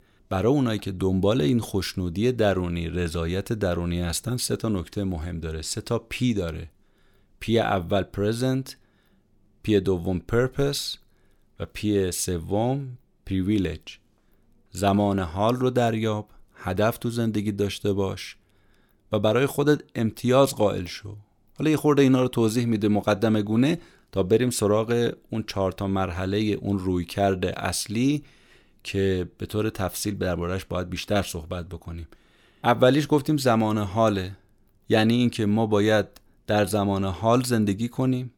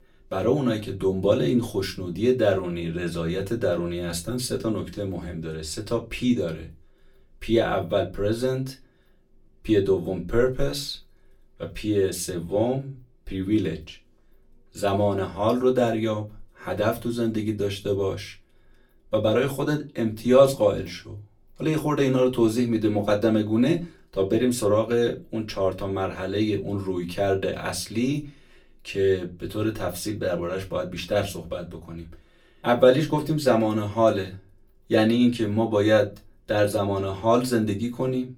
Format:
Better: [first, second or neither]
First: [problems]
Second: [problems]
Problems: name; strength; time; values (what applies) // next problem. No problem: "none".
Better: first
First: none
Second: off-mic speech; far // room echo; very slight; dies away in 0.2 s